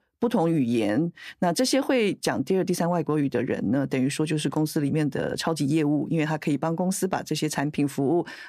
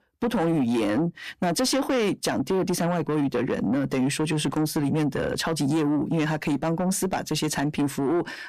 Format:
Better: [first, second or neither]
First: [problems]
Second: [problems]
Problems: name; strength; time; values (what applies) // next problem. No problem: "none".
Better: first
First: none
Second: distortion; slight; 10 dB below the speech